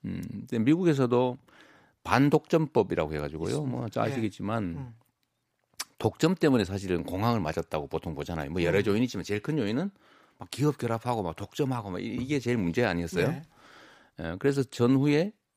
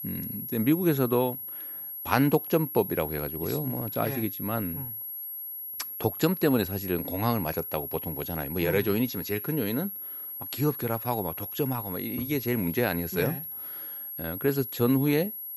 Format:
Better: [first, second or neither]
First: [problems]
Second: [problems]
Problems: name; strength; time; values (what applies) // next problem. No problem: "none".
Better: first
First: none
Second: high-pitched whine; loud; throughout; 11.5 kHz, 6 dB below the speech